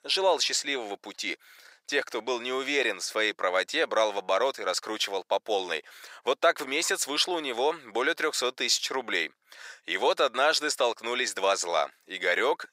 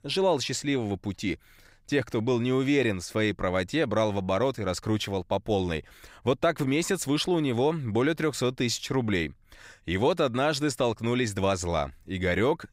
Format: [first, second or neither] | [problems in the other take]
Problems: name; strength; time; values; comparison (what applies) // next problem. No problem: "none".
second | thin; very; fading below 500 Hz